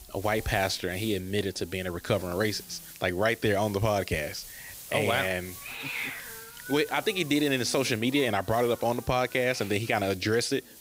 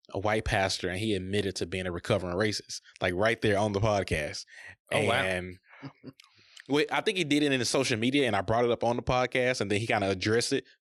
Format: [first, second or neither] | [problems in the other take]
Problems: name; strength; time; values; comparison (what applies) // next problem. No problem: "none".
second | hiss; noticeable; throughout; 15 dB below the speech